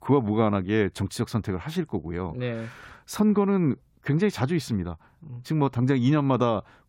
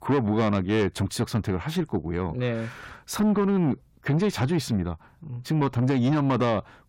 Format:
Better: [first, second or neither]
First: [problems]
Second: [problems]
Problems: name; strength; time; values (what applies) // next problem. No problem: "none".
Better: first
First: none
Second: distortion; slight; 10 dB below the speech